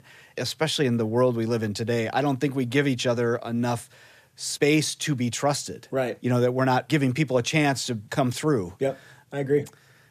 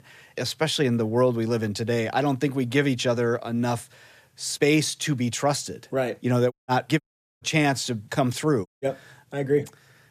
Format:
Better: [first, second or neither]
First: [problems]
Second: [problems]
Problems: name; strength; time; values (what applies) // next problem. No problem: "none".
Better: first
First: none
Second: audio cutting out; at 6.5 s, at 7 s and at 8.5 s